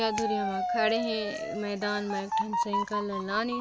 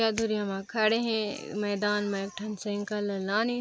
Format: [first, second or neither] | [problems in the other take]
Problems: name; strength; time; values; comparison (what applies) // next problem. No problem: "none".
second | background sound (Motor vehicle (road) / Siren); 1 dB below the speech